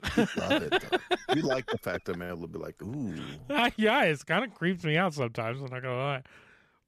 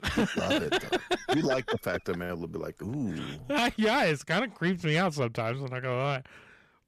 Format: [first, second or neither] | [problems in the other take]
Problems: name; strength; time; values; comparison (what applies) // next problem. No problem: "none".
first | distortion; slight; 10 dB below the speech